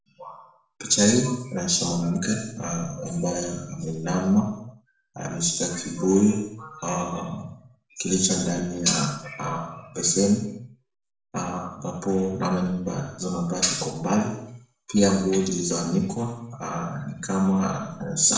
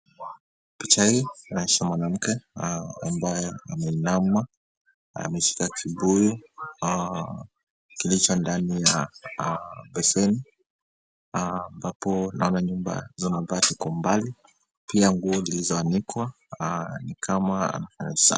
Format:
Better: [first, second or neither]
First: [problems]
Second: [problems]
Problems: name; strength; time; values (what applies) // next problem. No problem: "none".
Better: second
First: room echo; dies away in 0.7 s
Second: none